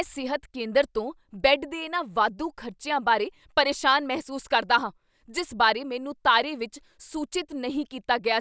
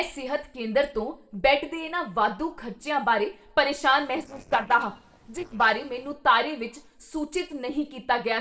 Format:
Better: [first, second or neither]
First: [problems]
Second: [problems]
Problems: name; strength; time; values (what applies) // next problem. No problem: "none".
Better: first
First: none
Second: noise reduction (neural separator model SepFormer DNS4)